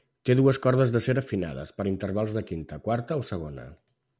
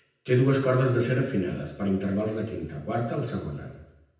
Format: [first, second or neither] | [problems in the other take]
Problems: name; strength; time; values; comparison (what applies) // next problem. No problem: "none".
first | room echo; dies away in 0.9 s